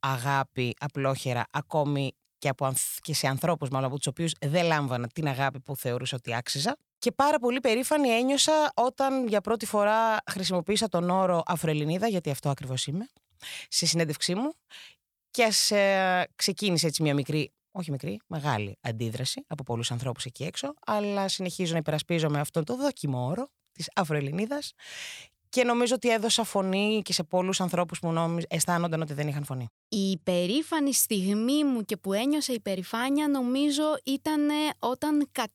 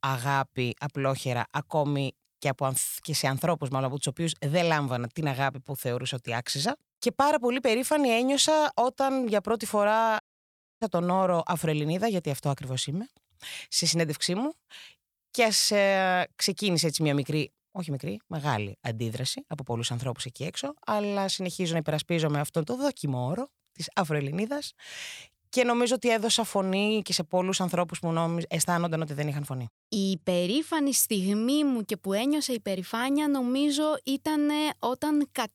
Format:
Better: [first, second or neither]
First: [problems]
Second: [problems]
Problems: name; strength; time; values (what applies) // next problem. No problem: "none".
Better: first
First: none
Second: audio cutting out; at 10 s for 0.5 s